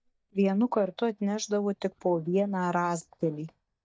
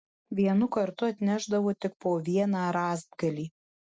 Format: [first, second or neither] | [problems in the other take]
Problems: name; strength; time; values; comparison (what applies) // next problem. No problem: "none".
second | noise reduction (neural mask model DeepFilterNet 3)